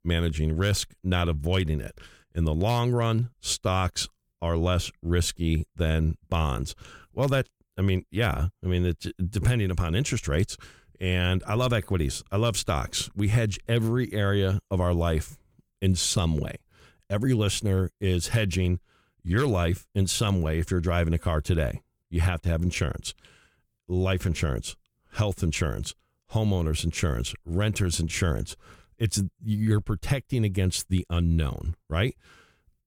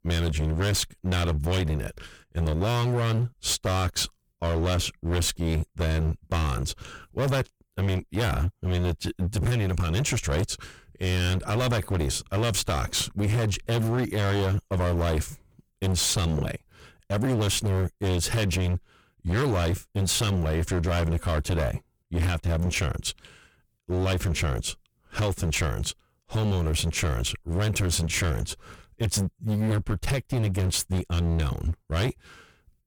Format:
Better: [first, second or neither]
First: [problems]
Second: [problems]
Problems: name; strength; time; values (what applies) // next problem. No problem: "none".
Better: first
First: none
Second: distortion; heavy; 23% of the sound clipped